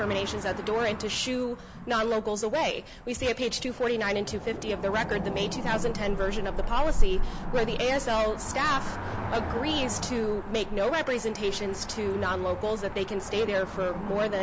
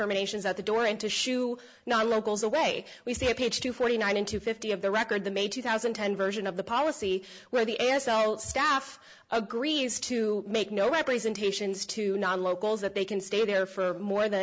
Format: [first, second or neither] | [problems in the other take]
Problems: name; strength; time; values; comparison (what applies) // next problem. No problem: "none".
second | background sound (Cricket / Motor vehicle (road)); 2 dB below the speech